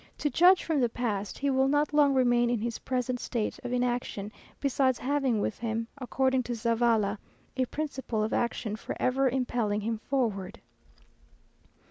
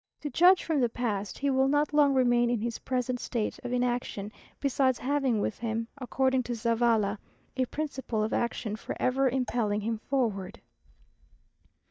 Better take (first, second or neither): first